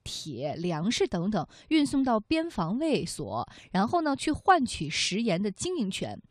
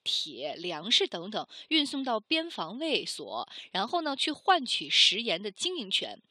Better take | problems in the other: first | thin; very slightly; fading below 350 Hz

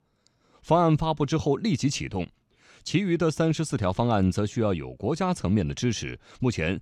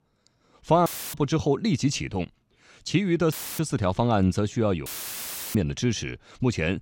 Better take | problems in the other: first | audio cutting out; filled with static; at 1 s, at 3.5 s and at 5 s for 0.5 s

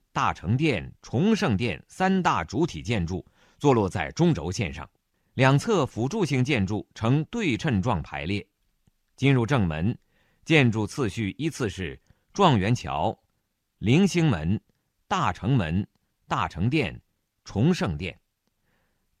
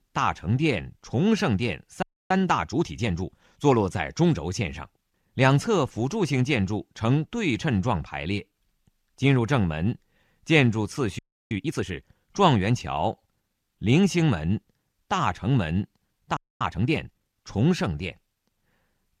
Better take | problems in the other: first | audio freezing; at 2 s, at 11 s and at 16 s

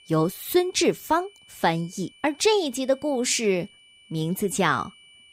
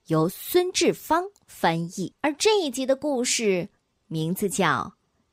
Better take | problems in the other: second | high-pitched whine; faint; throughout; 3 kHz, 25 dB below the speech

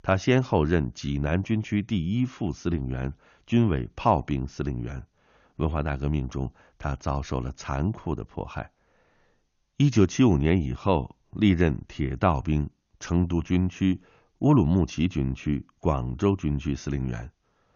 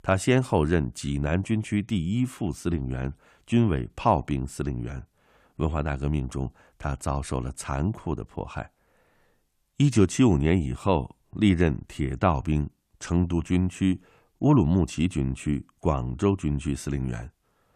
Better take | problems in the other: second | garbled, watery; slightly; nothing above 6.5 kHz

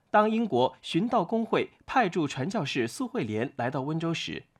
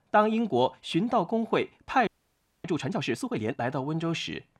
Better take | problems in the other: first | audio freezing; at 2 s for 0.5 s

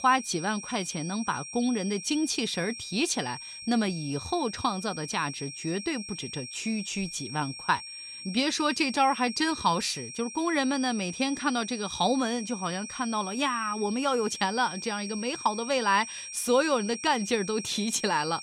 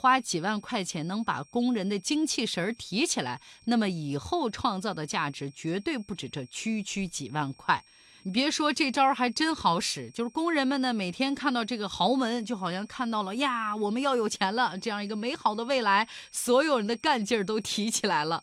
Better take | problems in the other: second | high-pitched whine; loud; throughout; 5.5 kHz, 10 dB below the speech; faint in the second

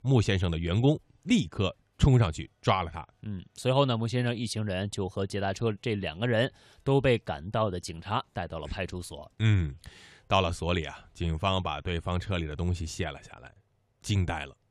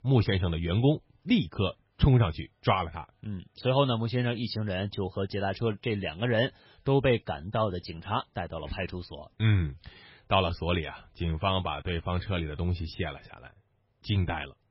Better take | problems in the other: first | garbled, watery; badly; nothing above 5.5 kHz

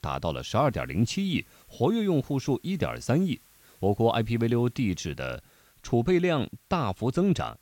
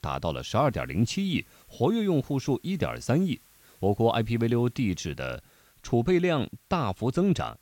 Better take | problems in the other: neither | hiss; faint; throughout; 30 dB below the speech; the same in both

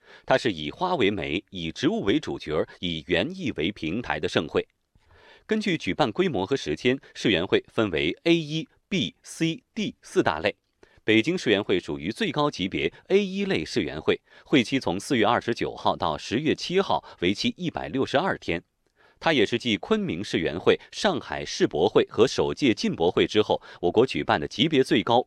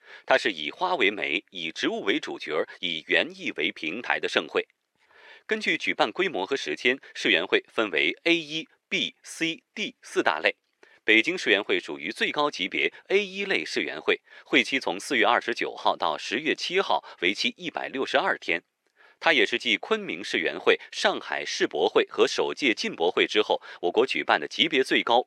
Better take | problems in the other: first | thin; somewhat; fading below 350 Hz

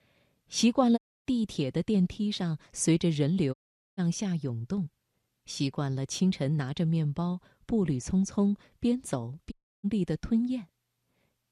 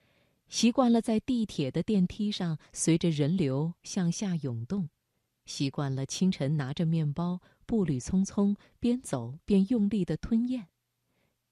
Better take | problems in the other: second | audio cutting out; at 1 s, at 3.5 s and at 9.5 s

